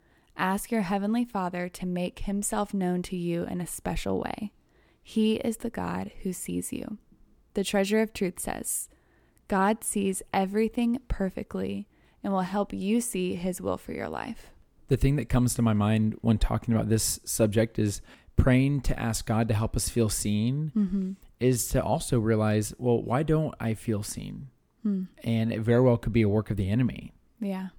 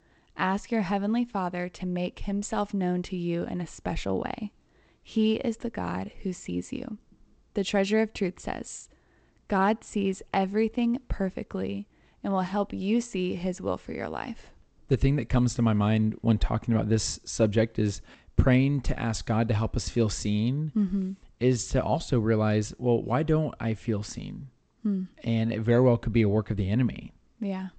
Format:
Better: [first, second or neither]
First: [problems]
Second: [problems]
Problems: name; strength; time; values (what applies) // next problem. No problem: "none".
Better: first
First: none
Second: garbled, watery; slightly; nothing above 8 kHz